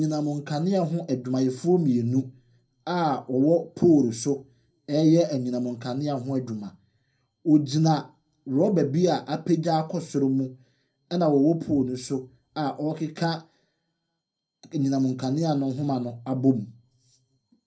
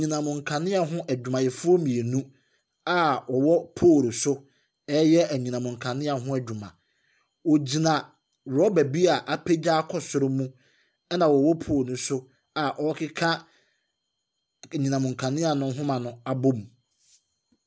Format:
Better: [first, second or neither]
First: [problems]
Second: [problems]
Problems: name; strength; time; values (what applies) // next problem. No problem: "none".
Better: second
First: room echo; dies away in 0.2 s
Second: none